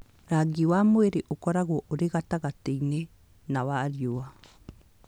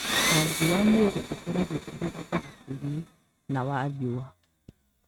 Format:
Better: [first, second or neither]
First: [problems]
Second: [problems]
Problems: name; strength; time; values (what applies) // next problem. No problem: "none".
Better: first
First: none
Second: noise reduction (neural mask model RNNoise)